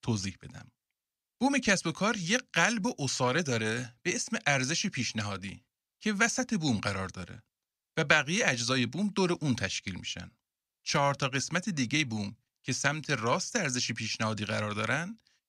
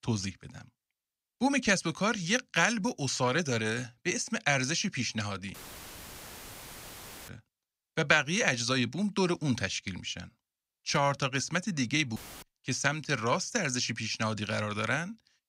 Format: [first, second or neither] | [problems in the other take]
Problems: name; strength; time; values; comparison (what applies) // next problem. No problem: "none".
first | audio cutting out; filled with static; at 5.5 s for 1.5 s and at 12 s